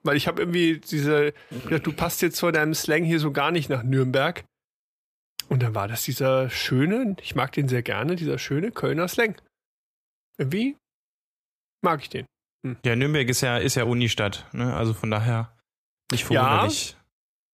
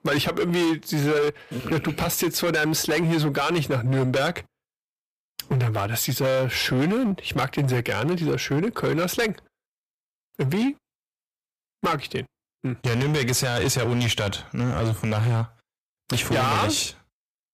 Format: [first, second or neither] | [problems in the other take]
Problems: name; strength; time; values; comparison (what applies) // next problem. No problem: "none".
first | distortion; heavy; 15% of the sound clipped